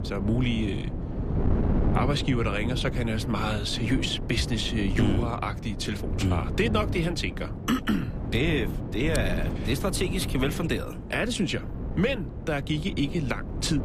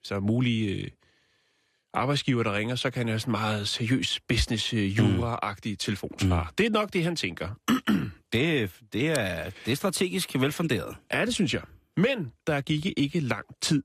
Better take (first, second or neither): second